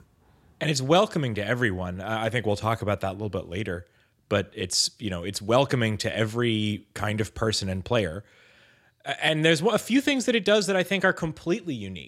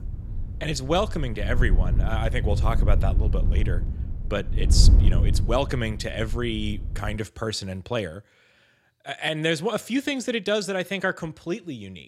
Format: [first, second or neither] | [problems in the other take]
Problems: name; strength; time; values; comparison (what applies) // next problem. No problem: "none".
first | wind noise on the microphone; occasional gusts; until 7 s; 15 dB below the speech